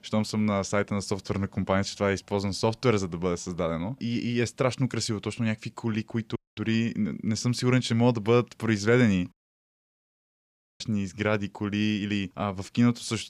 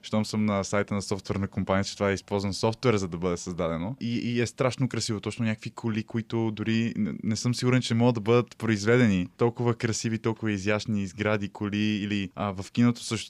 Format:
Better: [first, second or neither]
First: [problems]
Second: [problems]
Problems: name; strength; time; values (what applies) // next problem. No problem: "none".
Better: second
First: audio cutting out; at 6.5 s and at 9.5 s for 1.5 s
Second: none